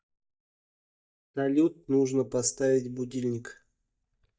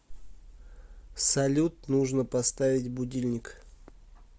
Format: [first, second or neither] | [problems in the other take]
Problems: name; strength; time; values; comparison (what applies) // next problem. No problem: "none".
second | noise reduction (neural mask model DeepFilterNet 3)